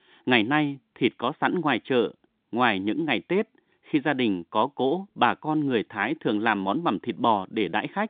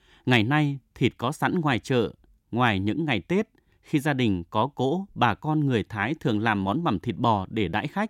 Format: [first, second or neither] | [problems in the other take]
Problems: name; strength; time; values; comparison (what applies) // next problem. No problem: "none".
second | phone-call audio; nothing above 3.5 kHz